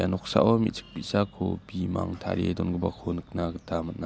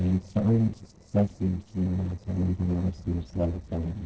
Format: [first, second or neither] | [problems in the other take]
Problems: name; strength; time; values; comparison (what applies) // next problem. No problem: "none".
first | noise reduction (neural separator model SepFormer DNS4)